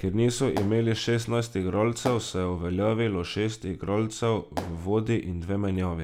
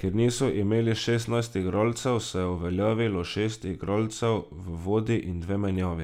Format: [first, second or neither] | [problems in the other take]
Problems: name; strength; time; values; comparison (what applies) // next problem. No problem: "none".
second | background sound (Fireworks); 13 dB below the speech